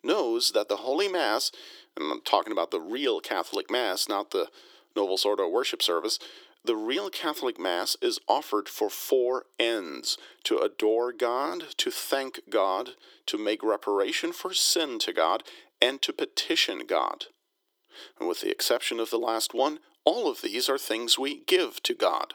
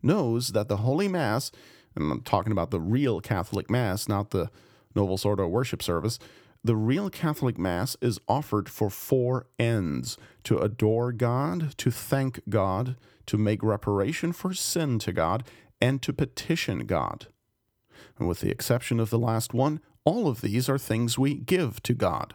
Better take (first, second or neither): second